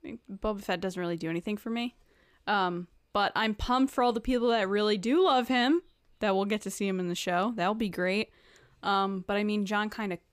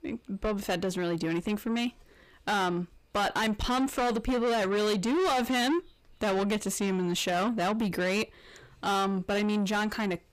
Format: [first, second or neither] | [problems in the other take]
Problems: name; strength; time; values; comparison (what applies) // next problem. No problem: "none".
first | distortion; heavy; 8 dB below the speech